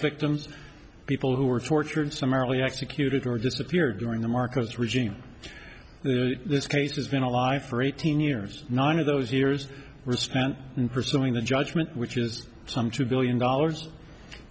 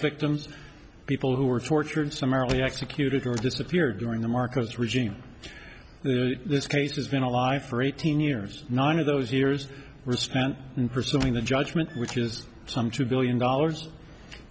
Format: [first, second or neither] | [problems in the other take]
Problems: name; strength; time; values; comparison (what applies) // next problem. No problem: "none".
first | background sound (Squeak); 15 dB below the speech